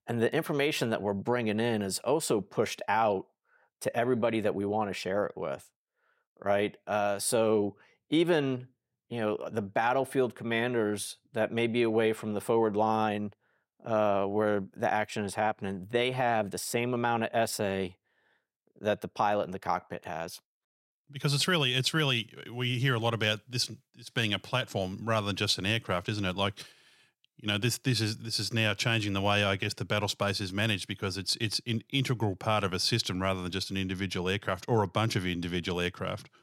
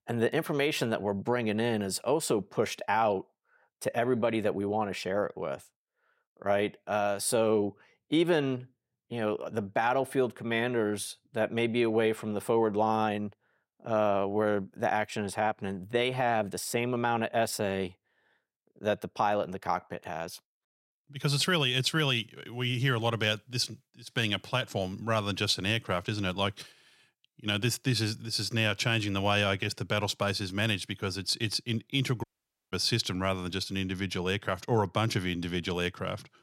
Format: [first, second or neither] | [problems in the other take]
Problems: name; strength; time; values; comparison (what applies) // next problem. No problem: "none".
first | audio cutting out; at 32 s